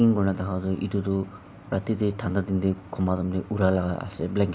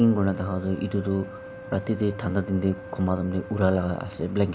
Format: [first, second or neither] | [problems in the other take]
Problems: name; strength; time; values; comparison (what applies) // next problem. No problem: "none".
first | background sound (Wind instrument, woodwind instrument); 16 dB below the speech